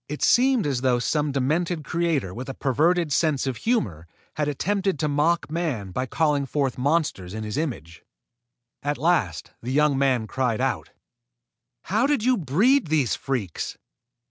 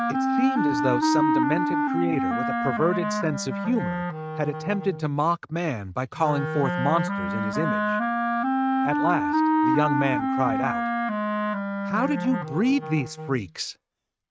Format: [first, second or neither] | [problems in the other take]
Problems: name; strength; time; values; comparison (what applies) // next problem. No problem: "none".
first | noise reduction (neural mask model RNNoise)